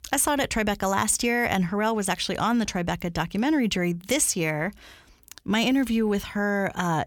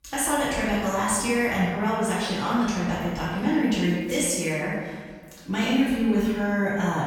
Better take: first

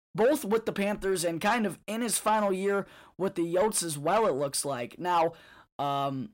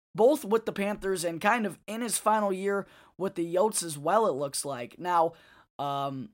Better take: second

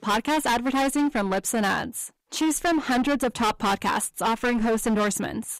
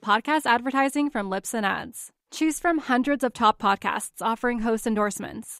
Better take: second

